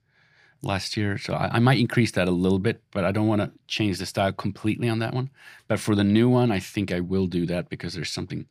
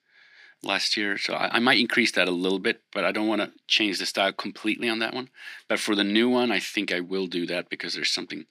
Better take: first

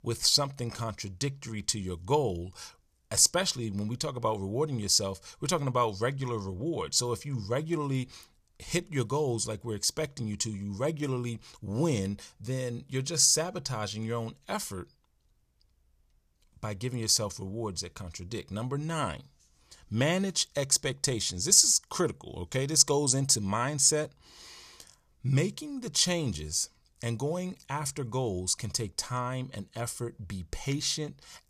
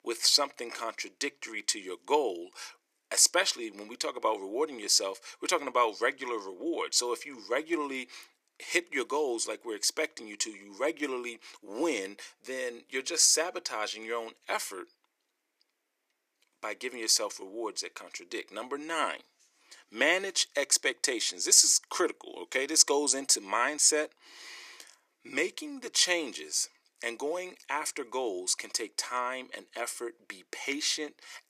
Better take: first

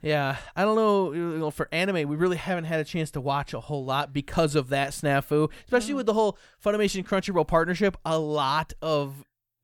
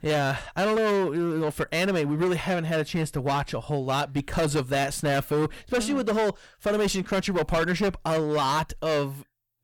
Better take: first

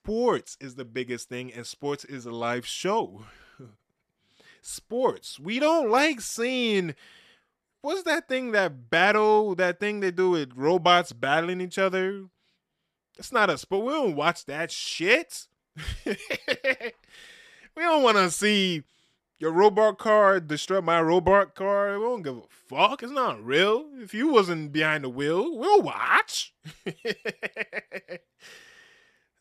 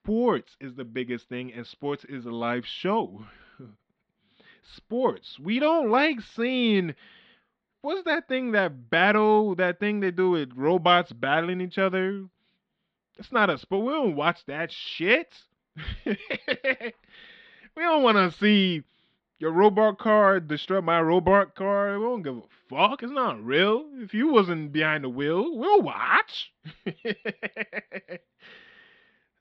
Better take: first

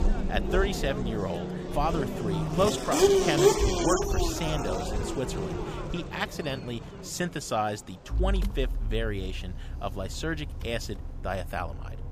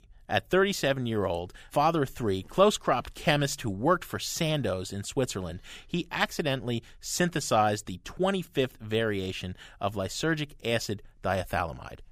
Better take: second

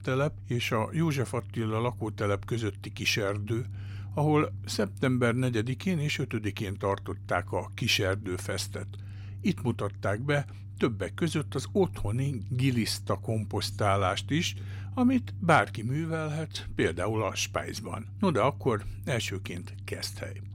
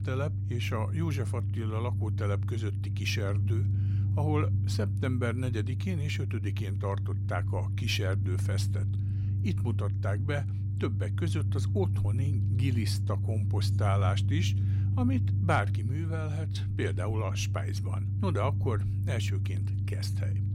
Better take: first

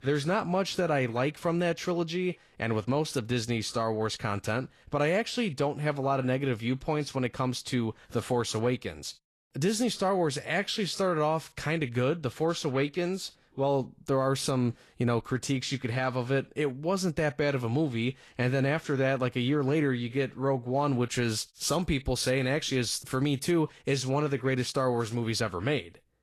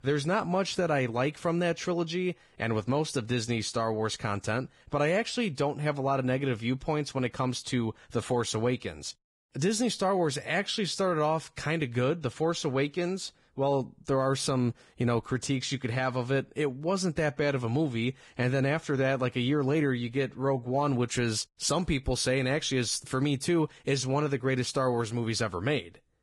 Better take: first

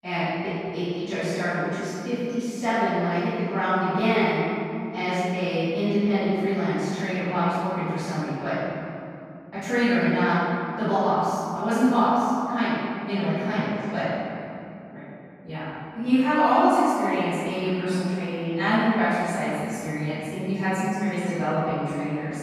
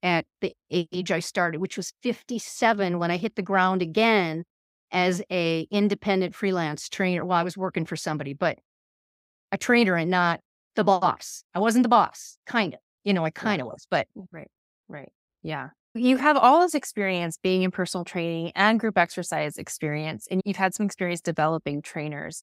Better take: second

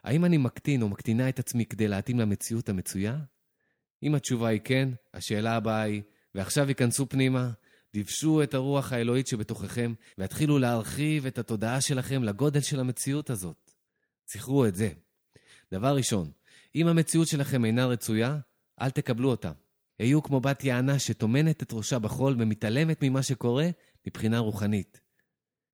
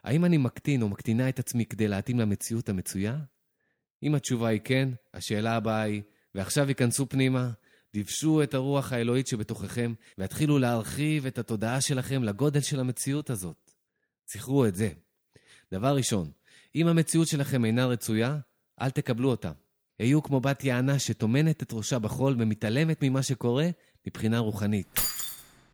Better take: first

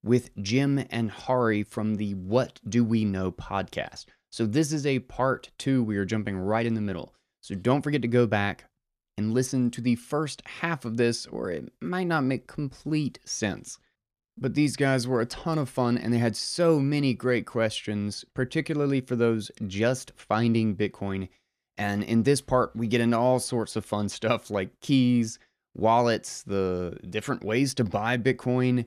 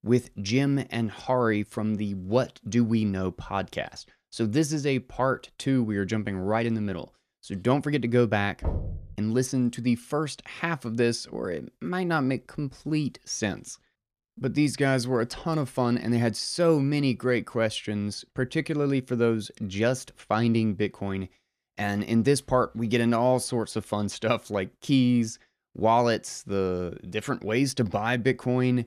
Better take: first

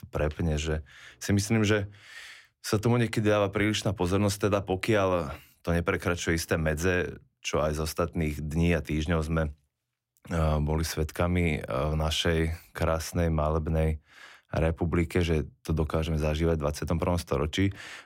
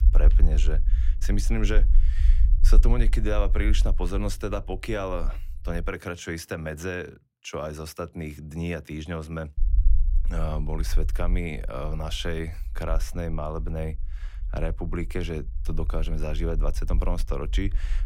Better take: first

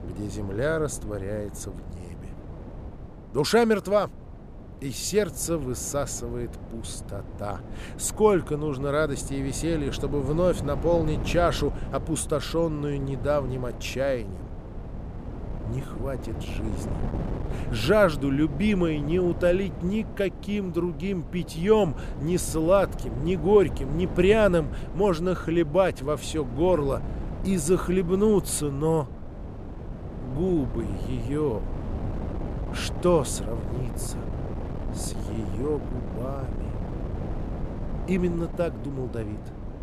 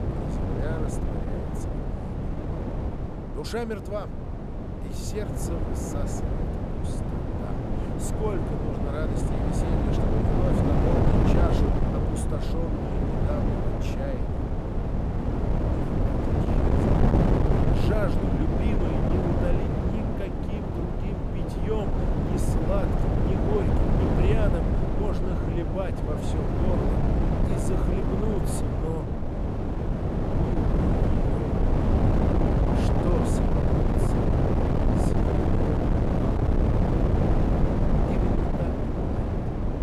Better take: first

